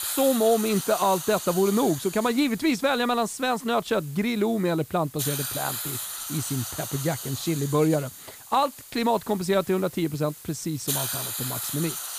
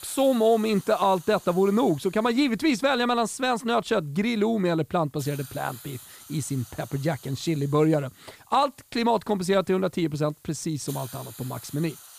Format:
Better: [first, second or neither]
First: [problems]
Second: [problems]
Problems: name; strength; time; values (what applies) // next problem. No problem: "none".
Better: second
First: hiss; loud; throughout; 6 dB below the speech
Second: hiss; faint; throughout; 20 dB below the speech